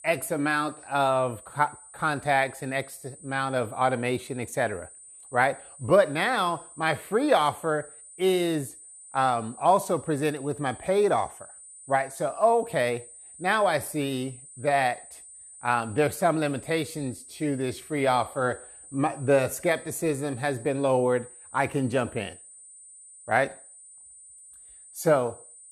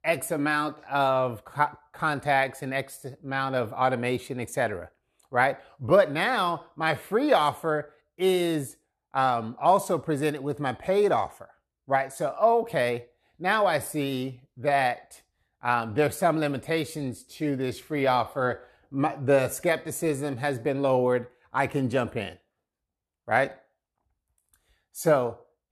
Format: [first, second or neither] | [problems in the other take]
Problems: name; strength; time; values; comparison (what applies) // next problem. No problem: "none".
second | high-pitched whine; noticeable; throughout; 8.5 kHz, 20 dB below the speech